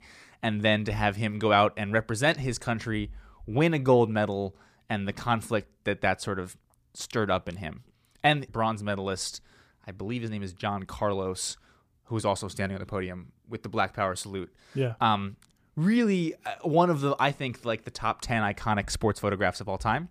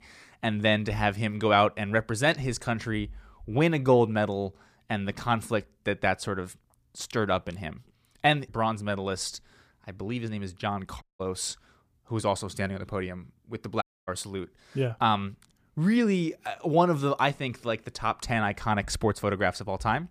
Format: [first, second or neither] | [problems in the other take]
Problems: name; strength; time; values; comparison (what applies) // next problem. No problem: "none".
first | audio cutting out; at 11 s and at 14 s